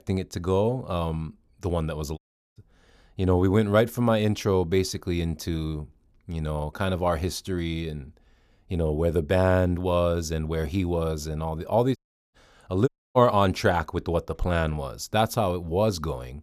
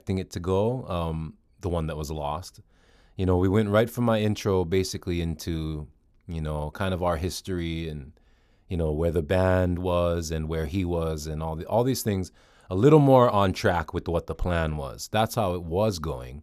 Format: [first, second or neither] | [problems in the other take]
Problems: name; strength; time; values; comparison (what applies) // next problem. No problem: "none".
second | audio cutting out; at 2 s, at 12 s and at 13 s